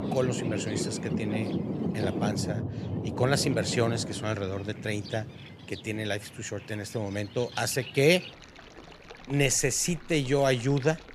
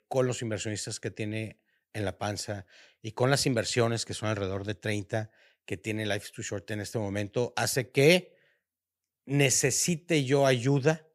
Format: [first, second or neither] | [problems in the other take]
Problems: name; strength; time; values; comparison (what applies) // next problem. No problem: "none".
second | rain or running water; loud; throughout; 6 dB below the speech